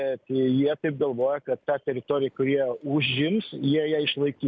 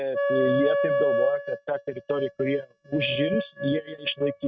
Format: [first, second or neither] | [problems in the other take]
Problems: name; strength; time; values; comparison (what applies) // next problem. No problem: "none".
first | noise reduction (neural mask model RNNoise)